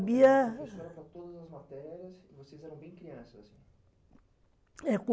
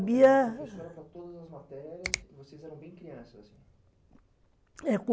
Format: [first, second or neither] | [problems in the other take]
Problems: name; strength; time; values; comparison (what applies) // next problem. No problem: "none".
first | background sound (Finger snapping); 11 dB below the speech